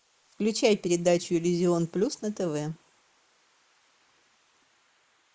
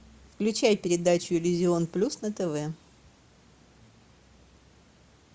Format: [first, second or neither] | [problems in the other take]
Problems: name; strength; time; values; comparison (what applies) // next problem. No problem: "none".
second | noise reduction (neural mask model Resemble Enhance denoiser)